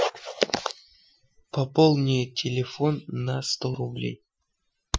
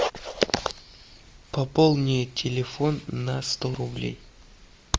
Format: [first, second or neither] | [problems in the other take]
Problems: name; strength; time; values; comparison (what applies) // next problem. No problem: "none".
second | noise reduction (classical method Wiener filter)